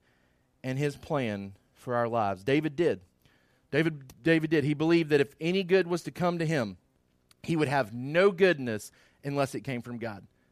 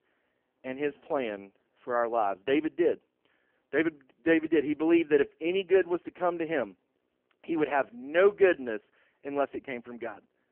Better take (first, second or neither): first